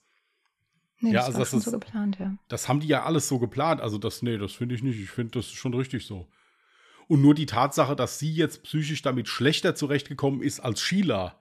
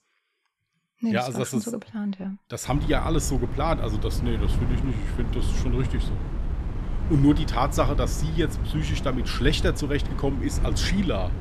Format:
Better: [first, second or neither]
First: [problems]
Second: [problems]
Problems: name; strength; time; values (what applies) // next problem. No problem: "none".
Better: first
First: none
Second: wind noise on the microphone; occasional gusts; from 2.5 s on; 10 dB below the speech